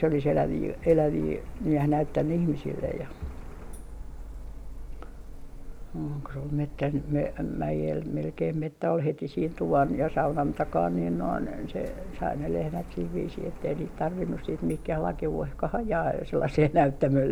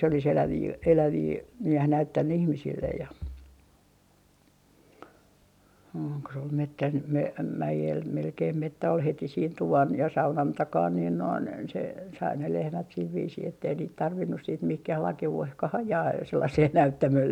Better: second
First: background sound (Printer); 11 dB below the speech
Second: none

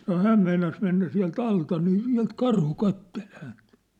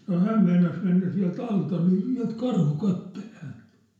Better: first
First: none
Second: room echo; dies away in 0.5 s

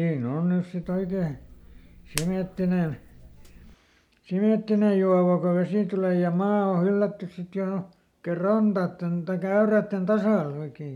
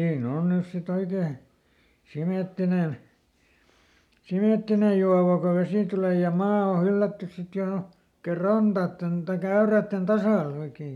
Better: second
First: background sound (Hands); 17 dB below the speech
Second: none

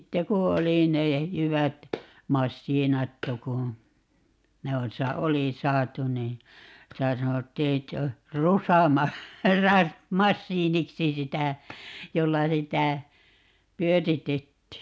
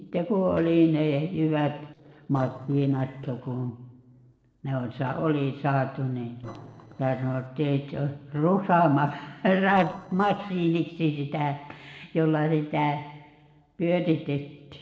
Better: first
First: none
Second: noise reduction (neural separator model SepFormer DNS4)

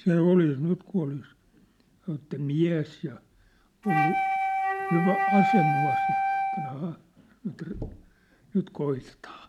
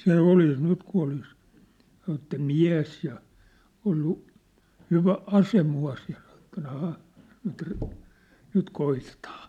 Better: second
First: background sound (Wind instrument, woodwind instrument); 2 dB above the speech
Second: none

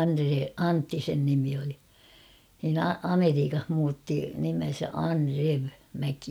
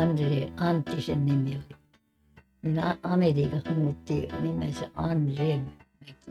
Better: first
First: none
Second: noise reduction (neural mask model RNNoise)

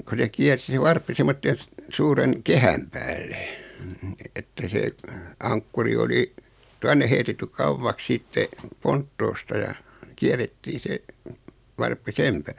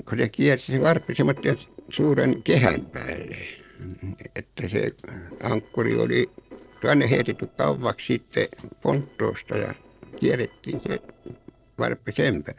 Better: first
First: none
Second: noise reduction (neural separator model SepFormer DNS4)

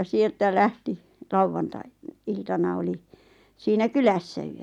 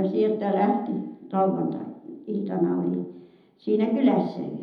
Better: first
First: none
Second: room echo; dies away in 0.8 s

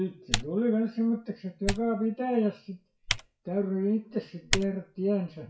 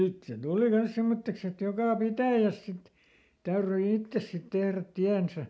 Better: second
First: noise reduction (classical method WPE with log-MMSE)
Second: none

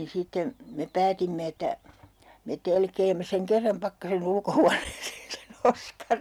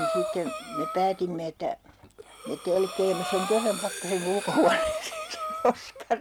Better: first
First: none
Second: background sound (Breathing); 6 dB below the speech

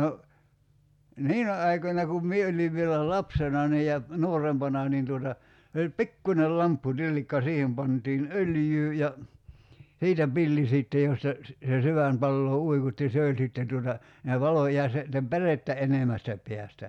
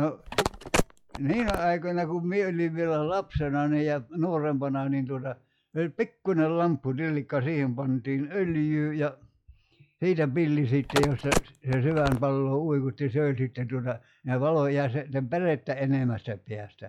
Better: first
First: none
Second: noise reduction (classical method log-MMSE)

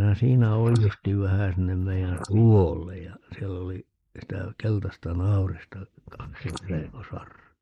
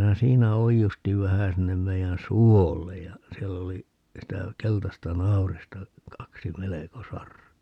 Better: second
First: noise reduction (neural mask model Resemble Enhance denoiser)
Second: none

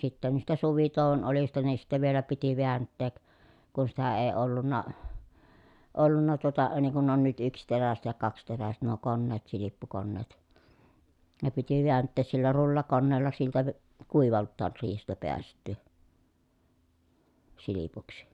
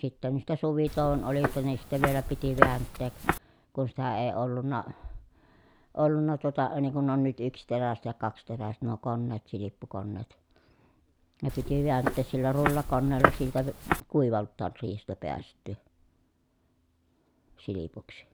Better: first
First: none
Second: background sound (Walk, footsteps); as loud as the speech

